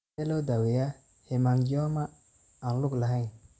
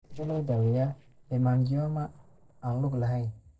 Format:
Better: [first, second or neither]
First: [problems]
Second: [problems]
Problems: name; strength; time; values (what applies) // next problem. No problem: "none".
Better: first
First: none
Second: noise reduction (neural separator model SepFormer DNS4)